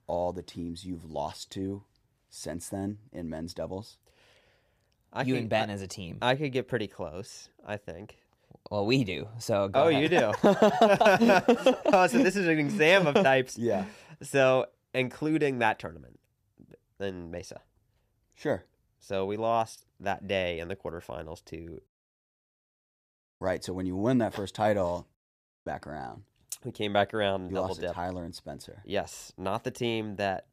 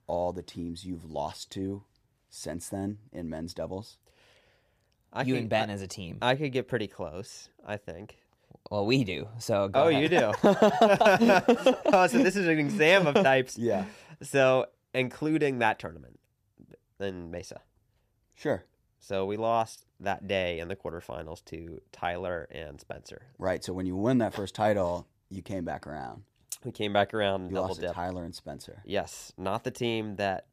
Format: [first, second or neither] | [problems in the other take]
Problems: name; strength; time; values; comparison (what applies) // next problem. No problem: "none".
second | audio cutting out; at 22 s for 1.5 s and at 25 s for 0.5 s